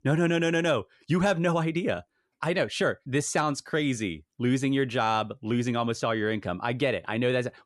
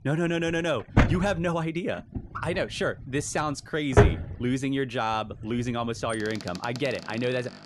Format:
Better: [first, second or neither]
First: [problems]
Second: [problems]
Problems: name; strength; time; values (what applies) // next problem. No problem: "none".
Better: first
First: none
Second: household noises; very loud; throughout; 1 dB above the speech